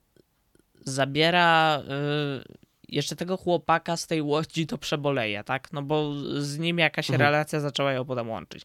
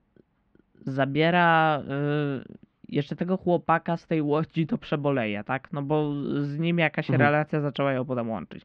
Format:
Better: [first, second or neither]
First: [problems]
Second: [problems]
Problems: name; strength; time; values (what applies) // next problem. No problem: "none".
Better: first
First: none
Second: muffled; very; fading above 2.5 kHz